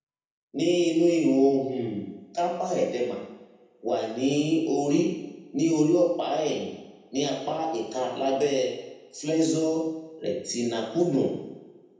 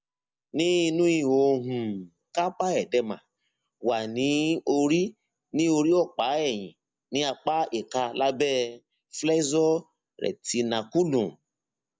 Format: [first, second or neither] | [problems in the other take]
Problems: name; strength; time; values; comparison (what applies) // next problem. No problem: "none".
second | room echo; dies away in 0.9 s